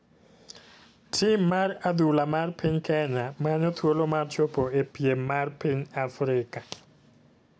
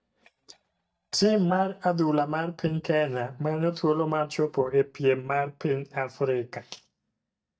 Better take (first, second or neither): first